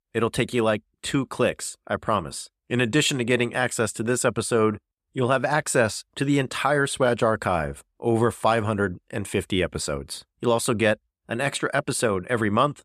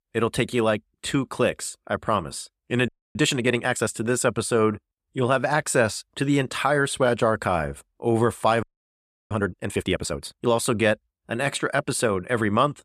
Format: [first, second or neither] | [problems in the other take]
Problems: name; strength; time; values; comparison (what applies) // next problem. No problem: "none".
first | audio freezing; at 3 s and at 8.5 s for 0.5 s